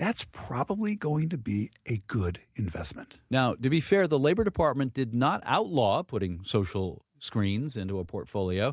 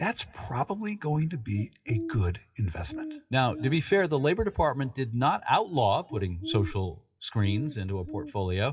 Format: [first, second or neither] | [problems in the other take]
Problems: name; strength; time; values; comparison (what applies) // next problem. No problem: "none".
first | noise reduction (classical method WPE with log-MMSE)